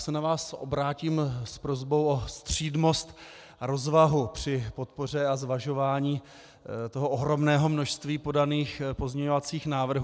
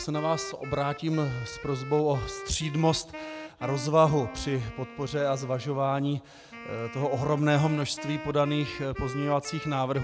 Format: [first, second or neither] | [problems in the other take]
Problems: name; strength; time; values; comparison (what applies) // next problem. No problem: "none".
first | background sound (Wind instrument, woodwind instrument); 13 dB below the speech